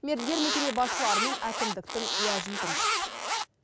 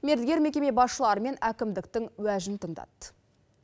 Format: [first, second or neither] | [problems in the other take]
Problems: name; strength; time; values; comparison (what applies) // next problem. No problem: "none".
second | background sound (Zipper (clothing)); 2 dB above the speech